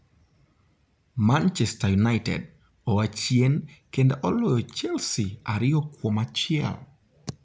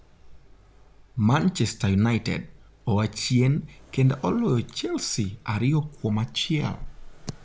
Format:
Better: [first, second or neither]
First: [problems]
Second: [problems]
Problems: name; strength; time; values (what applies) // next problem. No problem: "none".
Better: first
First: none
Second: background sound (Accelerating, revving, vroom); 19 dB below the speech